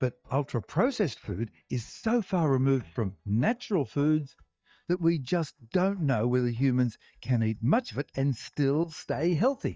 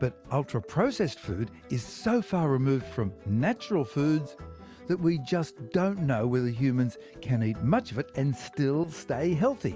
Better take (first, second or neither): second